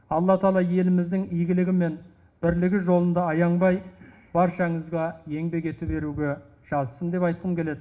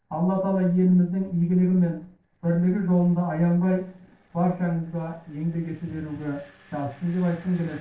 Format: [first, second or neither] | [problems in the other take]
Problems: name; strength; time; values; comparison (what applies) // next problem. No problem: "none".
first | noise reduction (neural separator model SepFormer DNS4)